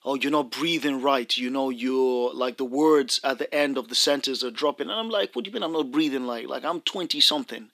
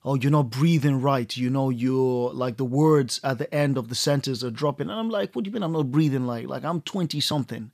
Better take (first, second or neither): second